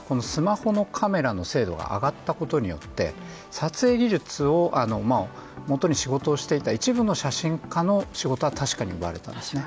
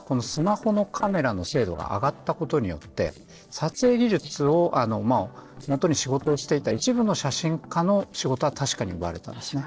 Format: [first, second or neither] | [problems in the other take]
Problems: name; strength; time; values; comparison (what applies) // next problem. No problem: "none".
first | noise reduction (neural separator model SepFormer DNS4)